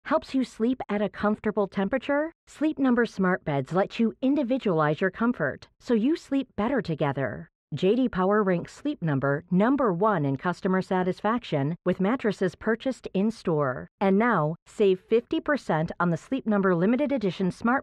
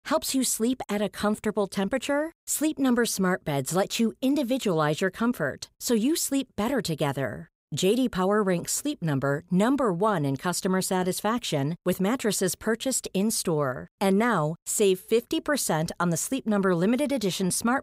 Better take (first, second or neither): second